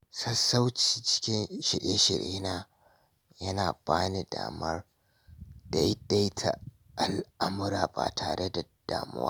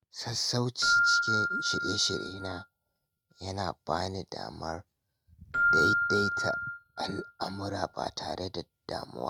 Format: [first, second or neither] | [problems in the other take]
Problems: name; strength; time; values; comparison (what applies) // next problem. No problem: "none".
first | noise reduction (neural mask model RNNoise)